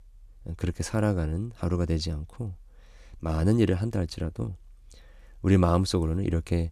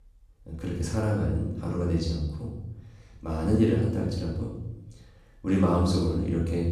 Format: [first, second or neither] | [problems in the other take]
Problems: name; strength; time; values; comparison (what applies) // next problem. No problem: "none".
first | off-mic speech; far // room echo; noticeable; dies away in 0.8 s